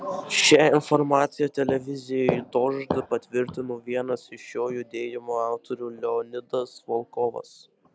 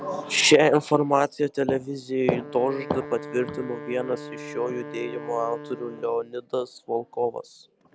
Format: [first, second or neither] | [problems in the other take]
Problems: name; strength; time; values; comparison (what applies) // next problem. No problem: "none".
first | background sound (Wind instrument, woodwind instrument); 15 dB below the speech